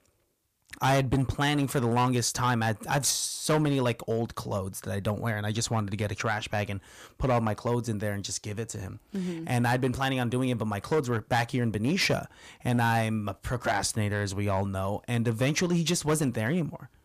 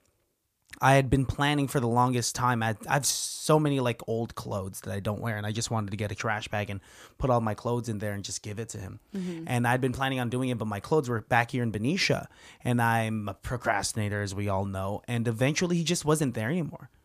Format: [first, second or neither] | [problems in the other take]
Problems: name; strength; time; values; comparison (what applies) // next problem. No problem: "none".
second | distortion; slight; 5% of the sound clipped